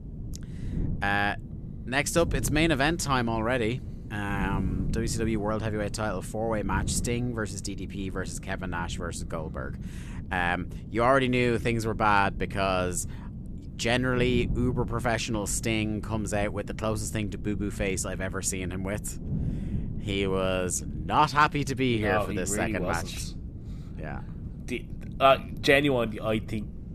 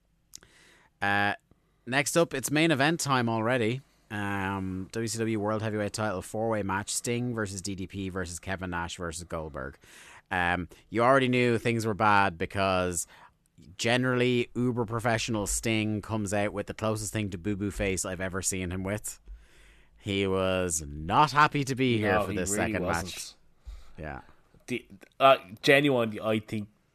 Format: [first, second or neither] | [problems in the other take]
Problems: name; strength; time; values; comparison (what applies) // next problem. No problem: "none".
second | wind noise on the microphone; occasional gusts; 20 dB below the speech